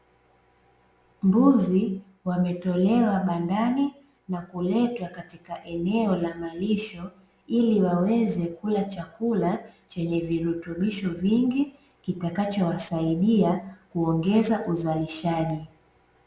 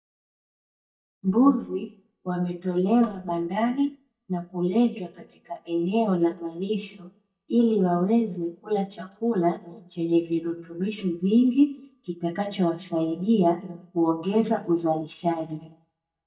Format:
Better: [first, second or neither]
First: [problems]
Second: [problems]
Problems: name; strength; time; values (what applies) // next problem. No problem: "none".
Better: first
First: none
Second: noise reduction (neural mask model DeepFilterNet 3)